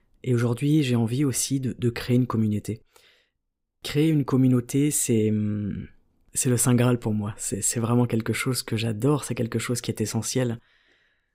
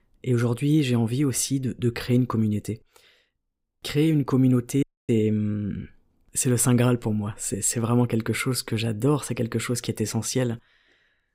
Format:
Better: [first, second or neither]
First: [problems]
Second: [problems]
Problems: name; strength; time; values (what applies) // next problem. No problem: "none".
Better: first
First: none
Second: audio cutting out; at 5 s